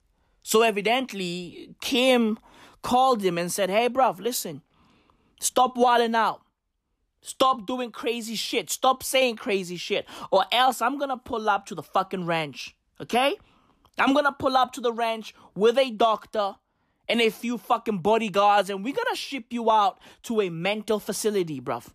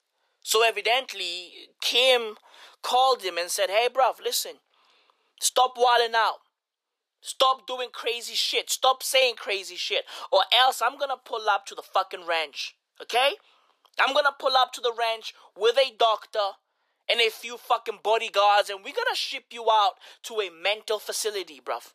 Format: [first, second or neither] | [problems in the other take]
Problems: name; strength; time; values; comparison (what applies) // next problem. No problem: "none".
first | thin; very; fading below 500 Hz